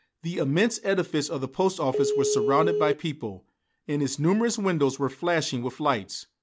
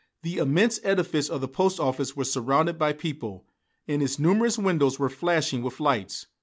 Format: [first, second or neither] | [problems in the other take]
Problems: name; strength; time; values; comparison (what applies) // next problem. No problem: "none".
second | background sound (Telephone); 1 dB above the speech